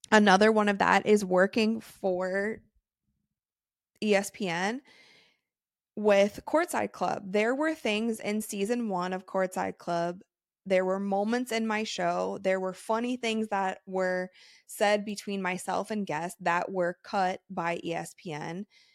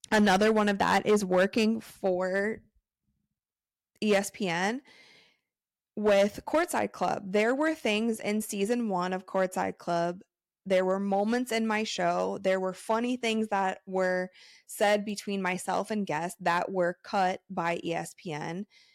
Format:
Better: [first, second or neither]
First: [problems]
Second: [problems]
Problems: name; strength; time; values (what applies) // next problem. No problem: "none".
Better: first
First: none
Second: distortion; slight; 2% of the sound clipped